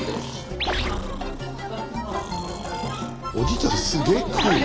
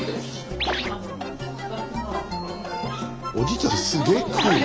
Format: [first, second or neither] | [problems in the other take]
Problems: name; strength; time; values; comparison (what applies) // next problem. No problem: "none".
second | background sound (Breathing); 8 dB below the speech